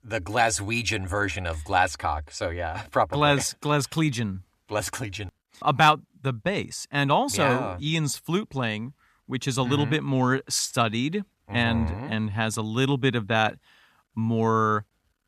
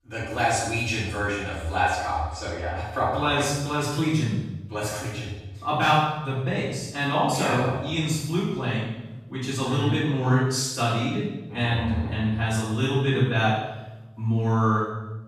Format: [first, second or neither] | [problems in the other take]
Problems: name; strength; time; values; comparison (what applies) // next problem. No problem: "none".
first | off-mic speech; far // room echo; strong; dies away in 0.9 s